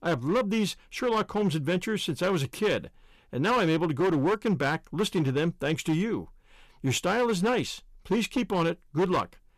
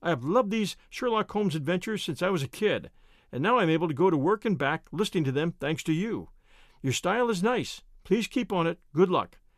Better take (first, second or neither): second